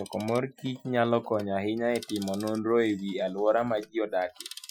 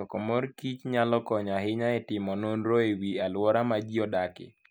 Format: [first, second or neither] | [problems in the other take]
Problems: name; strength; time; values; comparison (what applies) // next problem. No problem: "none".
second | noise reduction (classical method Wiener filter)